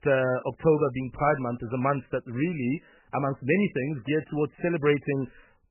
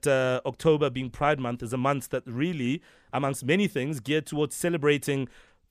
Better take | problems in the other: second | garbled, watery; badly; nothing above 3 kHz

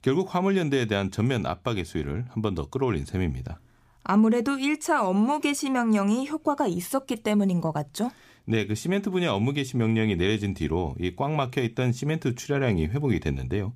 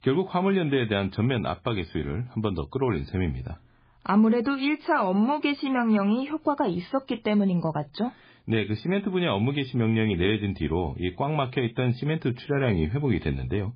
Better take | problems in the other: first | garbled, watery; badly; nothing above 5 kHz

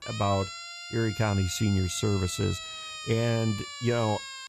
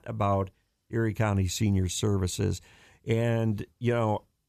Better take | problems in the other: second | siren; noticeable; peak 8 dB below the speech

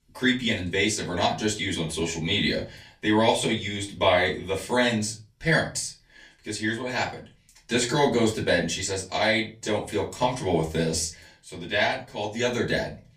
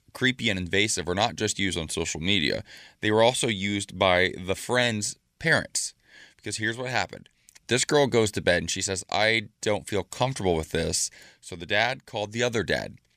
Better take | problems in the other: second | off-mic speech; far // room echo; very slight; dies away in 0.3 s

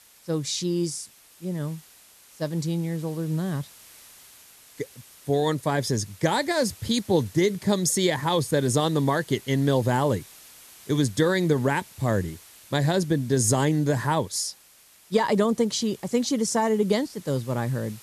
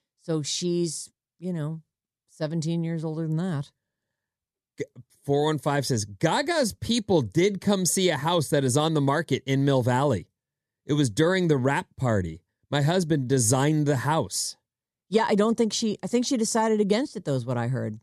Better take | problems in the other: second | hiss; faint; throughout; 25 dB below the speech

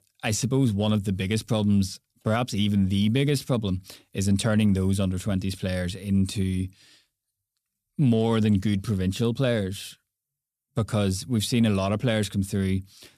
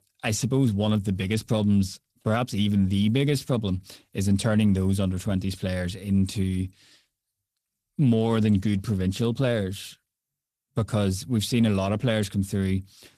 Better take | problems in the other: first | garbled, watery; slightly; nothing above 14.5 kHz

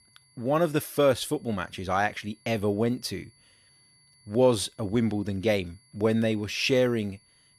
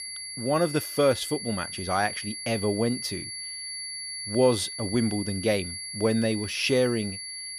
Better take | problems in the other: first | high-pitched whine; loud; throughout; 4.5 kHz, 7 dB below the speech; faint in the first

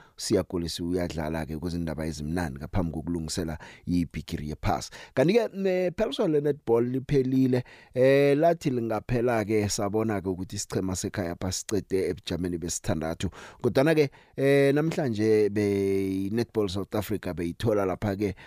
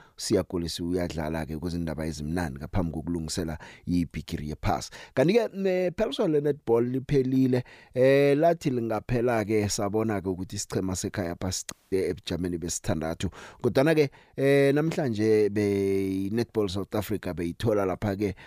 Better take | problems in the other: first | audio cutting out; at 12 s

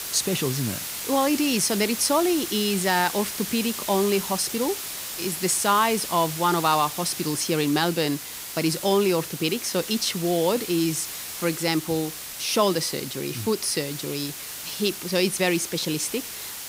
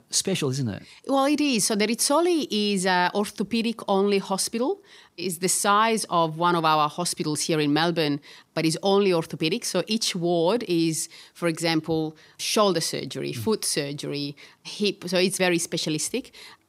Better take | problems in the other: second | hiss; loud; throughout; 7 dB below the speech

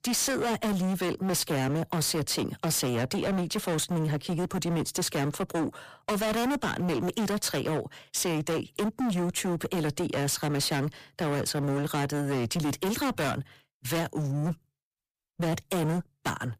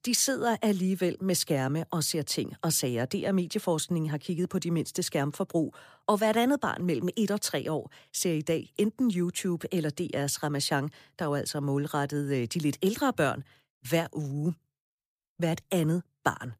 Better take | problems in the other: second | distortion; heavy; 30% of the sound clipped

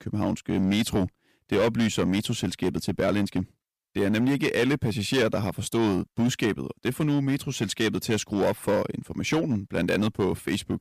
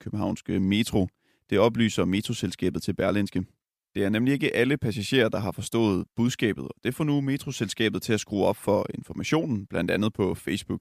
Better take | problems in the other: second | distortion; slight; 8% of the sound clipped

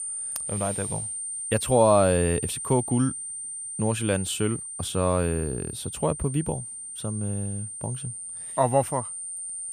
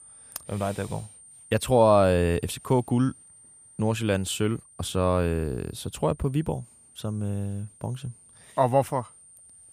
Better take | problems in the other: second | high-pitched whine; loud; throughout; 9 kHz, 6 dB below the speech; faint in the second

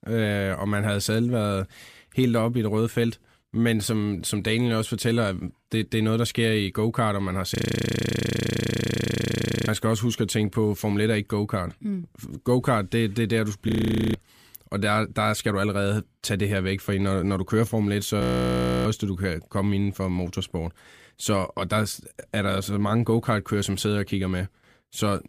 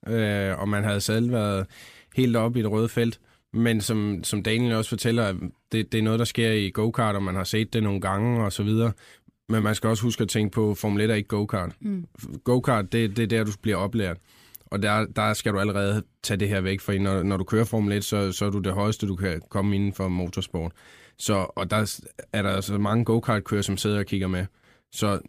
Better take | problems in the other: second | audio freezing; at 7.5 s for 2 s, at 14 s and at 18 s for 0.5 s

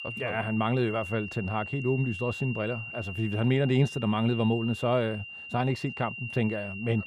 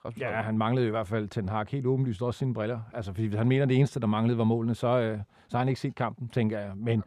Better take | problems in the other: second | high-pitched whine; loud; throughout; 3 kHz, 9 dB below the speech

